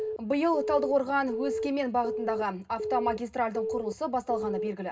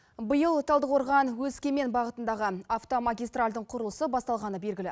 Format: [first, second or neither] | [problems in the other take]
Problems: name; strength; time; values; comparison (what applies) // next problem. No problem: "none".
second | background sound (Alarm / Keyboard (musical)); 5 dB below the speech // room echo; dies away in 0.2 s